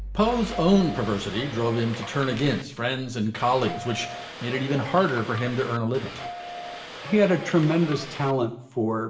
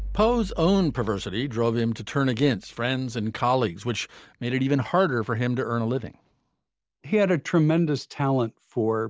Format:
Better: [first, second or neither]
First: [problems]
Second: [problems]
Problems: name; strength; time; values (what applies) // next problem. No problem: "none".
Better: second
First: background sound (Subway, metro, underground / Doorbell); 12 dB below the speech // room echo; dies away in 0.6 s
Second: none